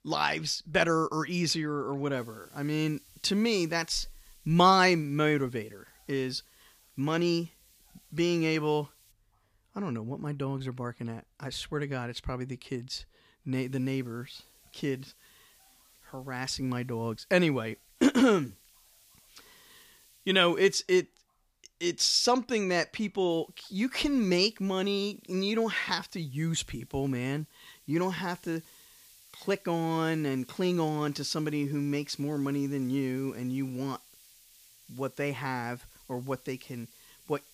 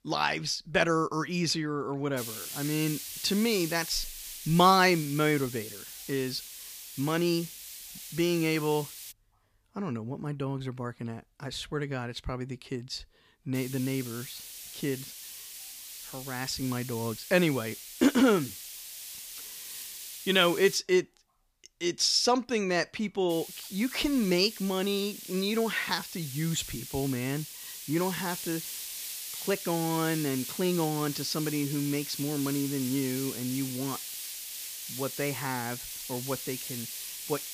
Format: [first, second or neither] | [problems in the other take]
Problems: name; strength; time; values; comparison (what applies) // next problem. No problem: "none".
first | hiss; loud; from 2 to 9 s, from 14 to 21 s and from 23 s on; 9 dB below the speech; faint in the first